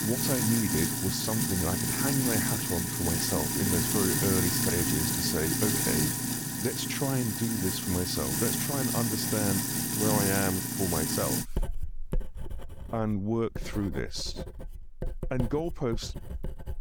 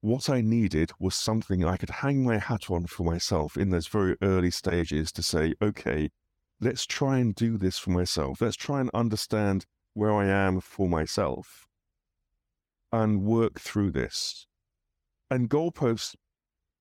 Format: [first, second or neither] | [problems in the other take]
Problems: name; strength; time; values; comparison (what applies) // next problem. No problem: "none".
second | household noises; very loud; throughout; 4 dB above the speech